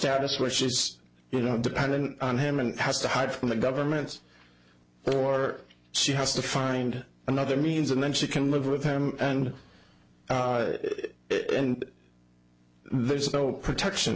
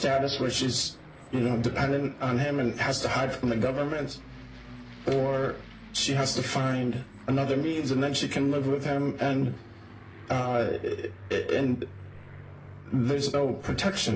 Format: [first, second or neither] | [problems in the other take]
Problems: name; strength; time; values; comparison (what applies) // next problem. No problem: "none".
first | background sound (Aircraft); 17 dB below the speech // room echo; dies away in 0.4 s